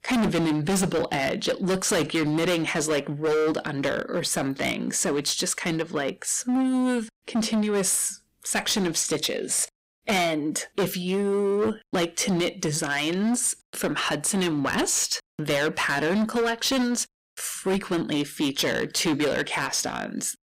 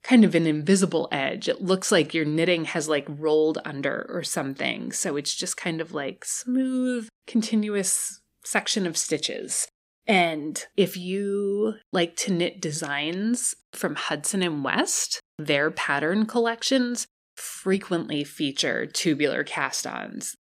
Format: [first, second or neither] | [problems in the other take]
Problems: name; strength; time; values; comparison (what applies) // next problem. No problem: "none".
second | distortion; heavy; 18% of the sound clipped